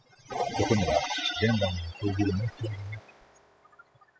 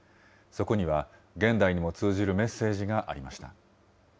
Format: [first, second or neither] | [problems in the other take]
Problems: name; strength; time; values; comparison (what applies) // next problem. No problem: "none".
second | noise reduction (classical method spectral subtraction)